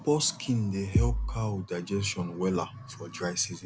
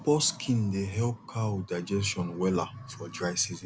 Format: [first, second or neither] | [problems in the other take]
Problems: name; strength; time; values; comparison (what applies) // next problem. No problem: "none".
second | background sound (Bass drum); 3 dB above the speech